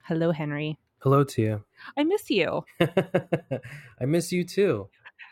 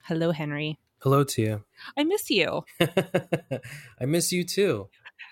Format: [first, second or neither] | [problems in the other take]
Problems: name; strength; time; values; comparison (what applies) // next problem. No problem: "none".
second | muffled; slightly; fading above 3 kHz